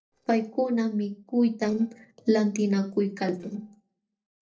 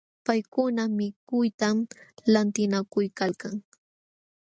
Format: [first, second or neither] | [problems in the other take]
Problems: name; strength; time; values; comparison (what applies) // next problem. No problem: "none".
second | noise reduction (neural separator model SepFormer DNS4)